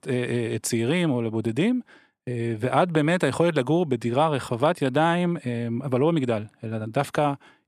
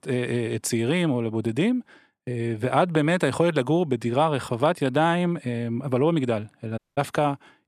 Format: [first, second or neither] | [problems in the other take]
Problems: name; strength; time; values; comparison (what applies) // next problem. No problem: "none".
first | audio cutting out; at 7 s